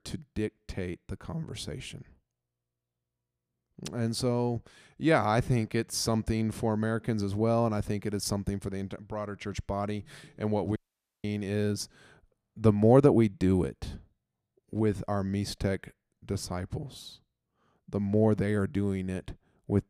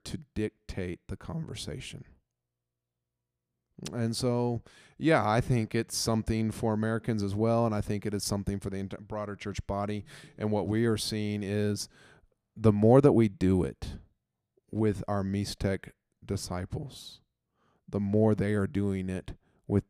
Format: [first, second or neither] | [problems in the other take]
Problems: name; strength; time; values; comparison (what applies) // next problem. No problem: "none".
second | audio cutting out; at 11 s